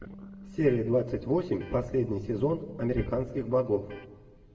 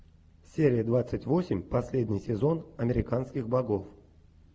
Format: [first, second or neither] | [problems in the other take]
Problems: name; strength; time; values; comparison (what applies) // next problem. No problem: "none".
second | background sound (Electric guitar); 19 dB below the speech // room echo; dies away in 1 s